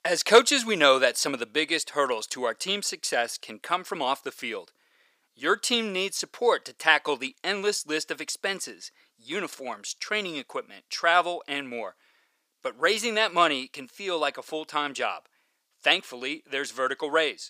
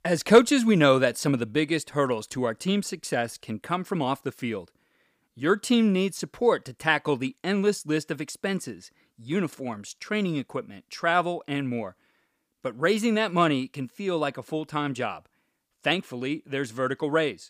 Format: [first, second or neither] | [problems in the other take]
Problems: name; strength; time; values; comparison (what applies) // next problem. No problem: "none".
second | thin; somewhat; fading below 500 Hz